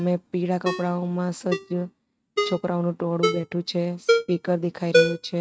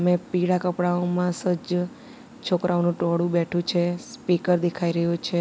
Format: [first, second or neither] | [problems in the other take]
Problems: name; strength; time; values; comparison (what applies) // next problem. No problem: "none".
second | noise reduction (neural mask model RNNoise)